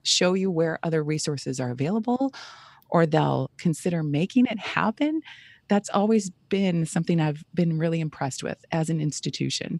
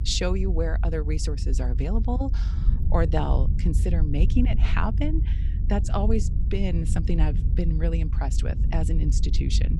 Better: first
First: none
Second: low rumble; noticeable; throughout; 10 dB below the speech

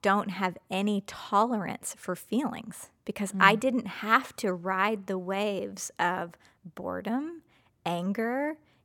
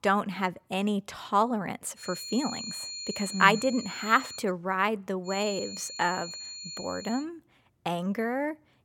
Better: first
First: none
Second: high-pitched whine; loud; from 2 to 4.5 s and from 5.5 to 7 s; 4.5 kHz, 9 dB below the speech

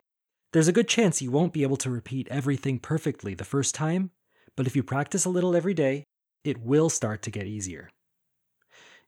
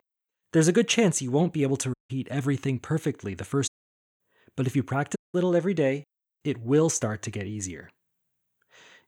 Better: first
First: none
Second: audio cutting out; at 2 s, at 3.5 s for 0.5 s and at 5 s

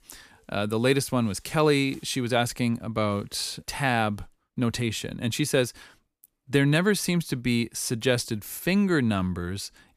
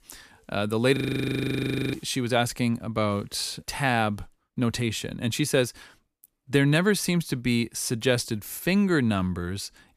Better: first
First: none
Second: audio freezing; at 1 s for 1 s

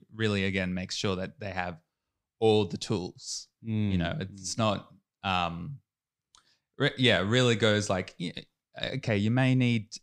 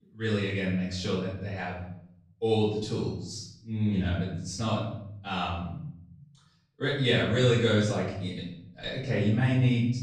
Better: first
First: none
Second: room echo; noticeable; dies away in 0.9 s // off-mic speech; far

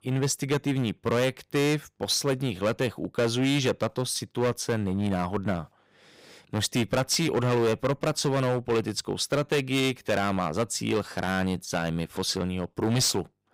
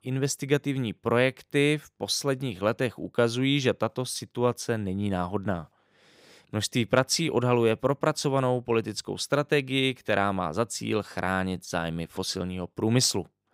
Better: second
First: distortion; heavy; 11% of the sound clipped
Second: none

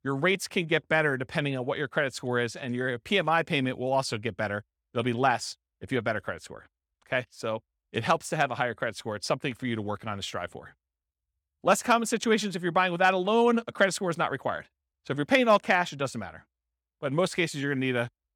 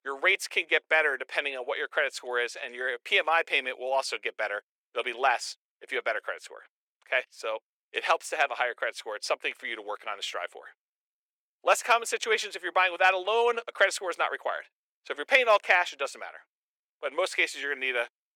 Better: first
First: none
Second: thin; very; fading below 400 Hz

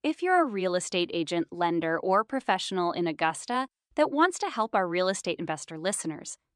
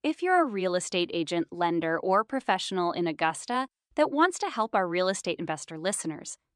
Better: neither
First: none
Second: none

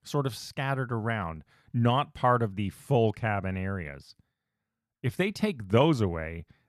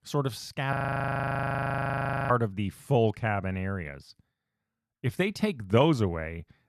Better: first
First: none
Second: audio freezing; at 0.5 s for 1.5 s

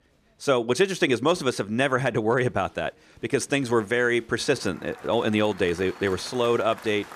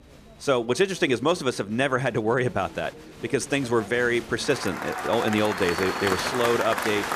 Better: first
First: crowd noise; faint; throughout; 20 dB below the speech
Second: crowd noise; loud; throughout; 5 dB below the speech

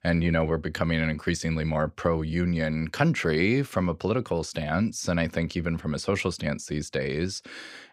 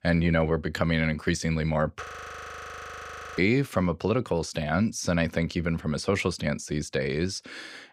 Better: first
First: none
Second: audio freezing; at 2 s for 1.5 s

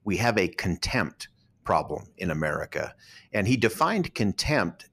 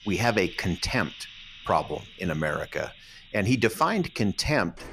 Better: first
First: none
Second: household noises; noticeable; throughout; 20 dB below the speech

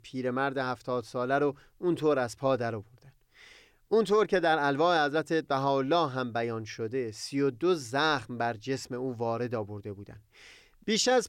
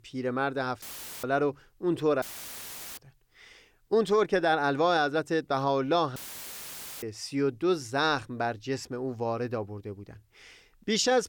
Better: first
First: none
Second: audio cutting out; filled with static; at 1 s, at 2 s for 1 s and at 6 s for 1 s

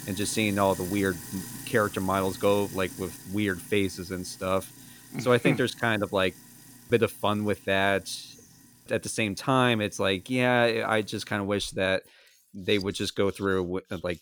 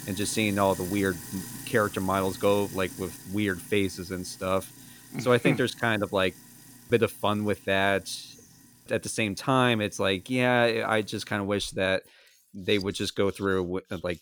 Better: neither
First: household noises; noticeable; throughout; 15 dB below the speech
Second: household noises; noticeable; throughout; 15 dB below the speech

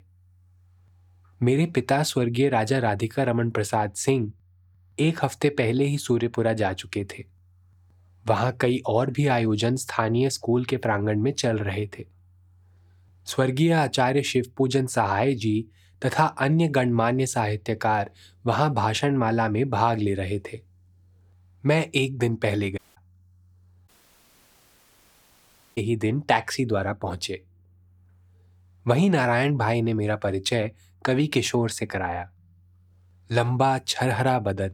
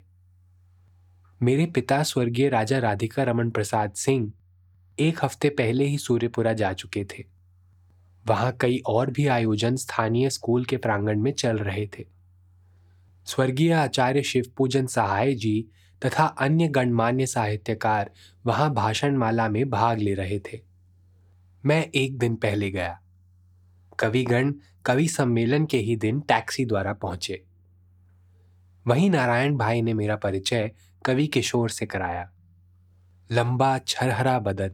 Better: second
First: audio cutting out; at 23 s and at 24 s for 2 s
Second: none

